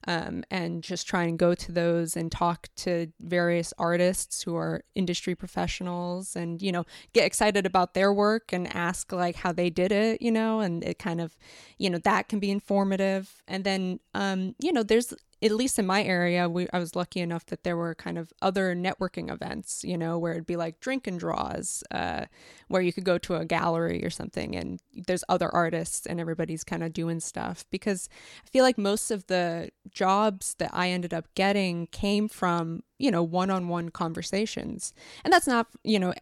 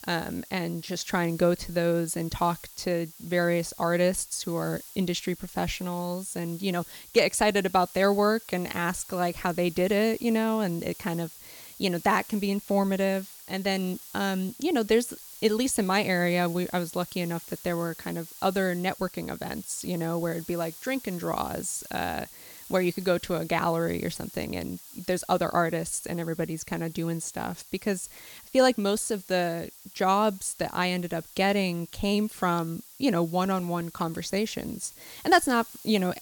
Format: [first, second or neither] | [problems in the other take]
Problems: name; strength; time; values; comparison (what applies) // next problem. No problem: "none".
first | hiss; noticeable; throughout; 15 dB below the speech